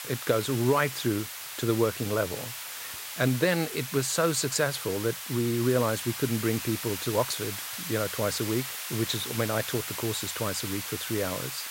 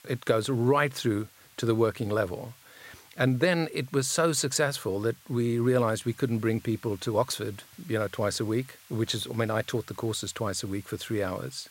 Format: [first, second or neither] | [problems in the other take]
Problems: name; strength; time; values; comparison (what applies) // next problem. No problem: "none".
second | hiss; loud; throughout; 6 dB below the speech; faint in the second